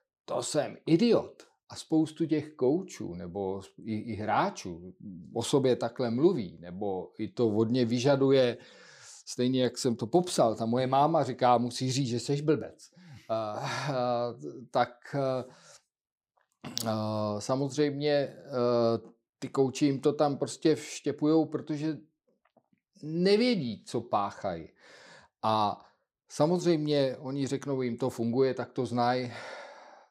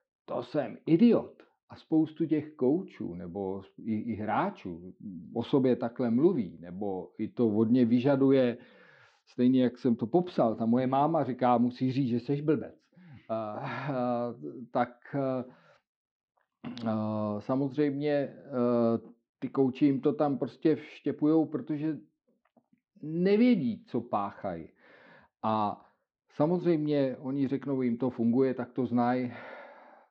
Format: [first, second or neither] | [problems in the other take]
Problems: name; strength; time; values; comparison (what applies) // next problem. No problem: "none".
first | muffled; slightly; fading above 3 kHz